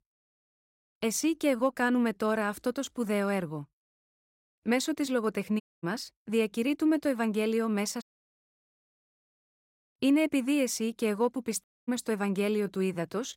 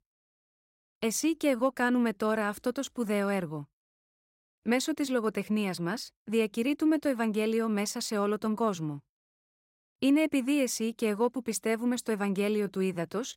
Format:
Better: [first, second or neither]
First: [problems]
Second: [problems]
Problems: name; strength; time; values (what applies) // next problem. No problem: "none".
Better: second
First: audio cutting out; at 5.5 s, at 8 s for 1.5 s and at 12 s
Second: none